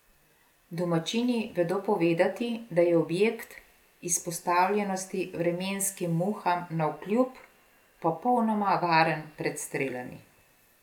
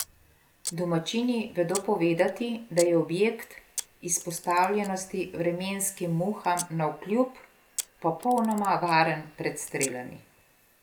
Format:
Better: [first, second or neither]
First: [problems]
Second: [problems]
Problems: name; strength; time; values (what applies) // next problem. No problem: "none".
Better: first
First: none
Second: background sound (Camera); 15 dB below the speech